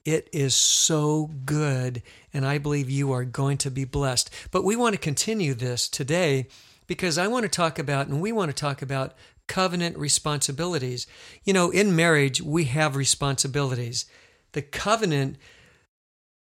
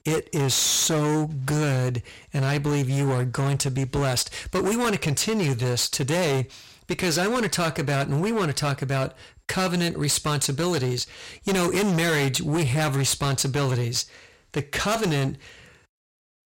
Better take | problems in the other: first | distortion; heavy; 25% of the sound clipped

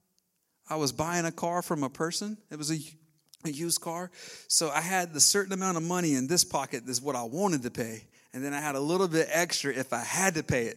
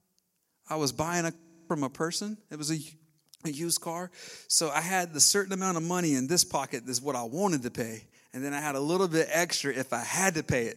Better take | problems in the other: first | audio freezing; at 1.5 s

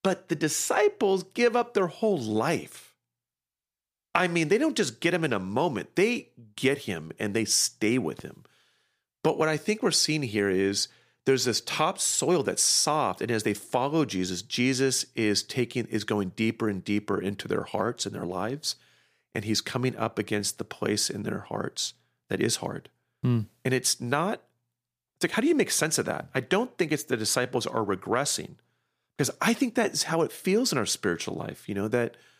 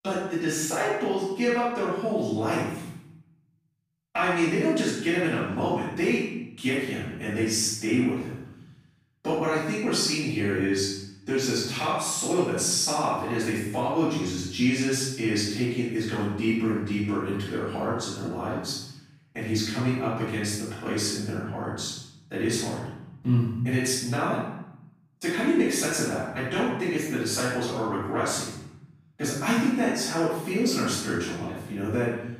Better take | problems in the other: first | off-mic speech; far // room echo; strong; dies away in 0.9 s

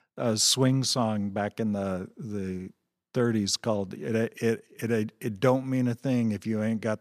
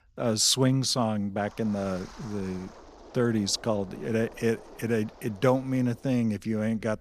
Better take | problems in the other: first | wind noise on the microphone; occasional gusts; 20 dB below the speech

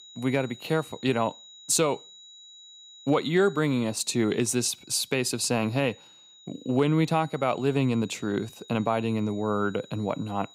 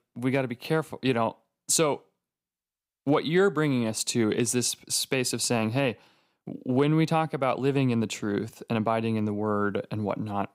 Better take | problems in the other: second | high-pitched whine; faint; throughout; 4 kHz, 20 dB below the speech

